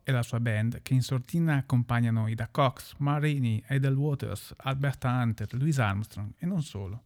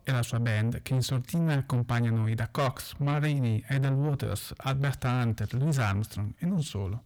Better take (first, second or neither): first